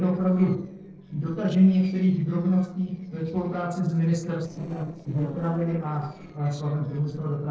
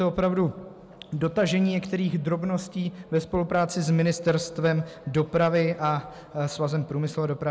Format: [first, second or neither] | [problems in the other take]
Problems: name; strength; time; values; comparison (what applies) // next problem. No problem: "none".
second | noise reduction (neural separator model SepFormer DNS4)